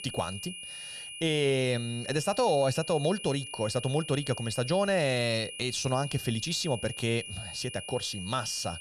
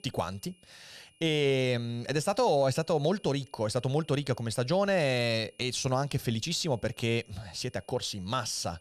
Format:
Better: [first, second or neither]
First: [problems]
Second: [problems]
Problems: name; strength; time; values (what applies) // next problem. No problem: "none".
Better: second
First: high-pitched whine; loud; throughout; 3 kHz, 9 dB below the speech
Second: high-pitched whine; faint; throughout; 3 kHz, 30 dB below the speech